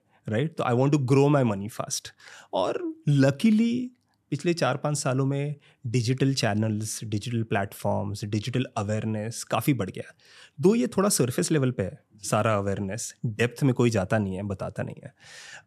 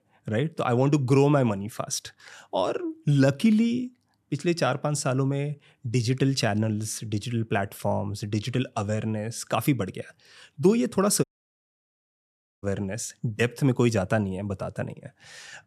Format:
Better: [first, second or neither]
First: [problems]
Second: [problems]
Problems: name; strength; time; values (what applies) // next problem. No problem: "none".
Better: first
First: none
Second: audio cutting out; at 11 s for 1.5 s